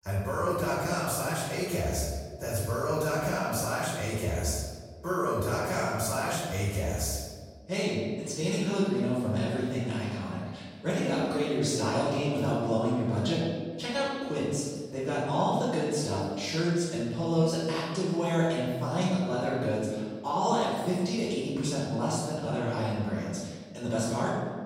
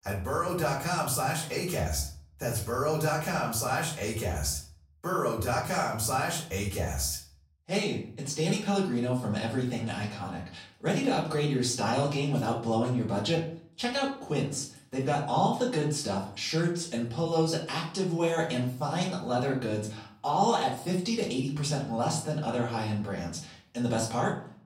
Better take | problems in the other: second | room echo; strong; dies away in 1.5 s; slight in the second // off-mic speech; far; far in the second

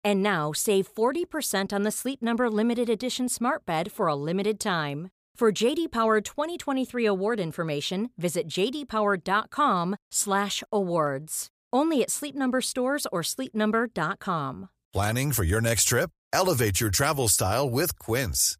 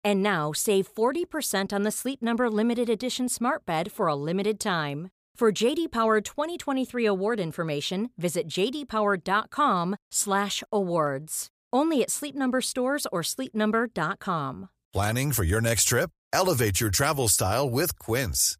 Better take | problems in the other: neither | none

